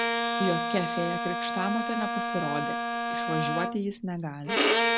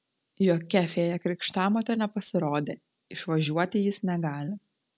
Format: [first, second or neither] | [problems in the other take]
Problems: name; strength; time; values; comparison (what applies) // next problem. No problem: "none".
second | background sound (Bowed string instrument); 3 dB above the speech